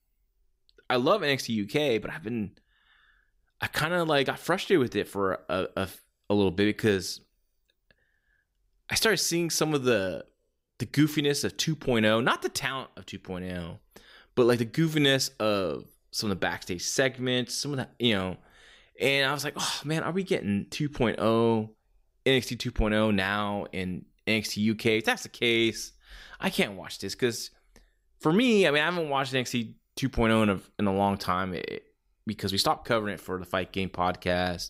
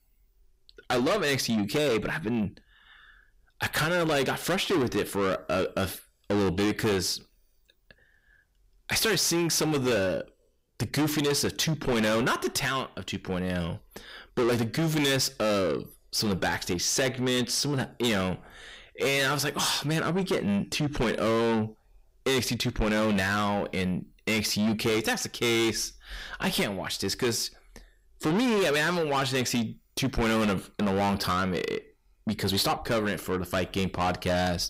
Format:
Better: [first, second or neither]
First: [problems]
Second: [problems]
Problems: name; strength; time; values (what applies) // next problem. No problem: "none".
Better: first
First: none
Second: distortion; heavy; 6 dB below the speech